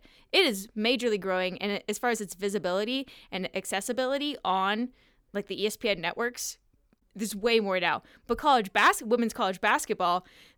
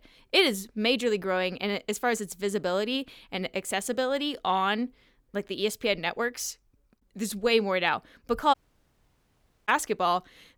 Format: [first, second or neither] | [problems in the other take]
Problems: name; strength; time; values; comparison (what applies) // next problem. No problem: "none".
first | audio cutting out; at 8.5 s for 1 s